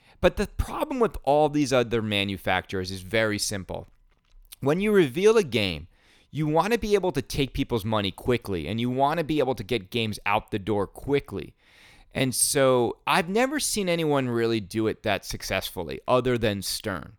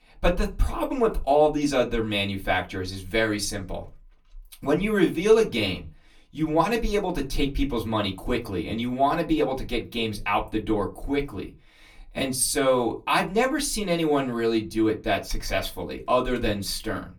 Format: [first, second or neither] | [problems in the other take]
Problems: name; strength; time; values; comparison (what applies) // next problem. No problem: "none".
first | off-mic speech; far // room echo; very slight; dies away in 0.2 s